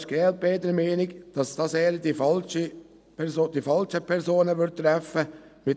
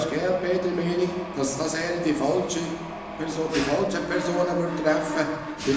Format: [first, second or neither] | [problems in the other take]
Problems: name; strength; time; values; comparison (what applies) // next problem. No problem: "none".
first | background sound (Mechanisms); 8 dB below the speech // room echo; dies away in 0.9 s